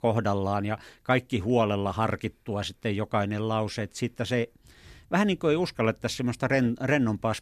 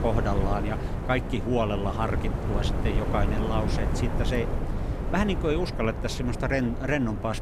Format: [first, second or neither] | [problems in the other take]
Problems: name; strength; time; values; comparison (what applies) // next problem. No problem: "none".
first | wind noise on the microphone; heavy; 6 dB below the speech